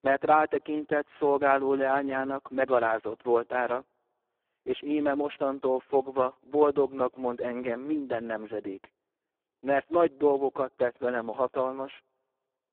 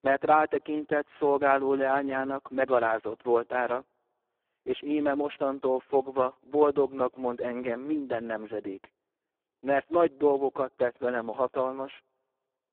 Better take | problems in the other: neither | phone-call audio; poor line; nothing above 3.5 kHz; the same in both

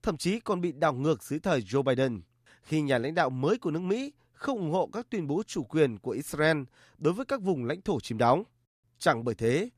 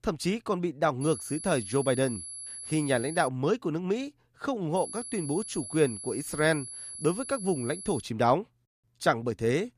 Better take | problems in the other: first | high-pitched whine; loud; from 1 to 3.5 s and from 5 to 8 s; 11 kHz, 9 dB below the speech

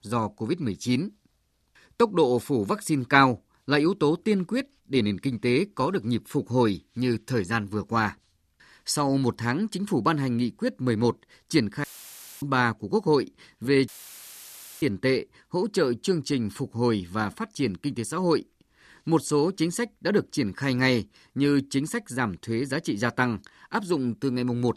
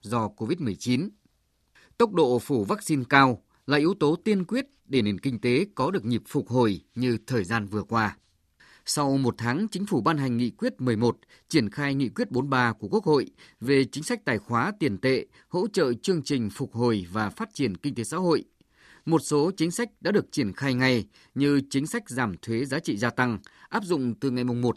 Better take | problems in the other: second | audio cutting out; filled with static; at 12 s for 0.5 s and at 14 s for 1 s

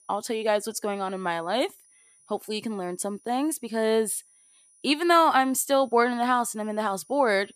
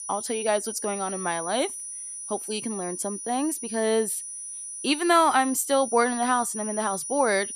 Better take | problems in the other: first | high-pitched whine; loud; throughout; 9.5 kHz, 7 dB below the speech; faint in the first

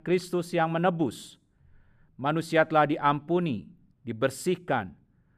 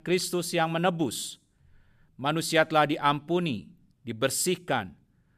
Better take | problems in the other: second | muffled; slightly; fading above 2.5 kHz

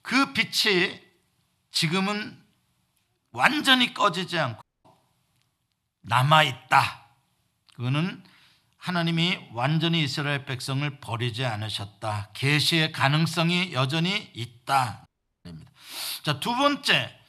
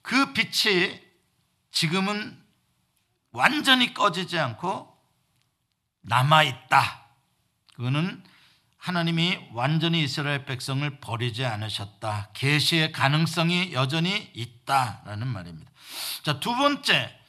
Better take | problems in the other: second | audio cutting out; at 4.5 s and at 15 s

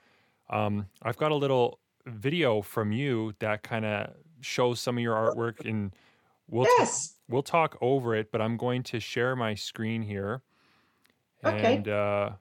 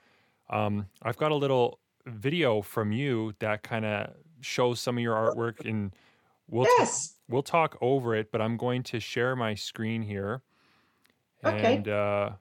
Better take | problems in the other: neither | none

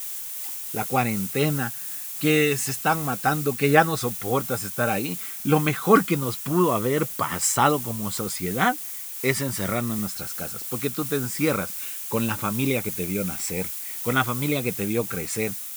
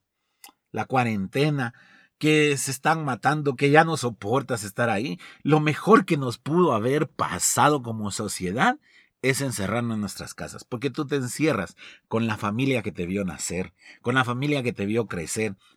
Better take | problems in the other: second | hiss; loud; throughout; 6 dB below the speech

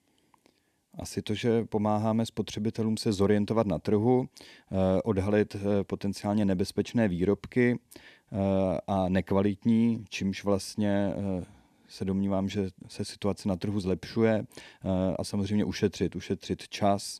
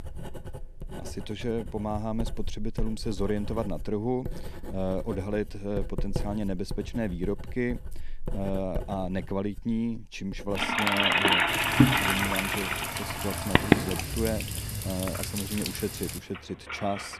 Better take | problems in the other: first | household noises; very loud; throughout; 5 dB above the speech

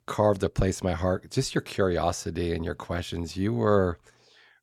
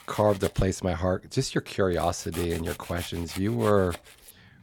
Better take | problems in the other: first | household noises; noticeable; throughout; 15 dB below the speech

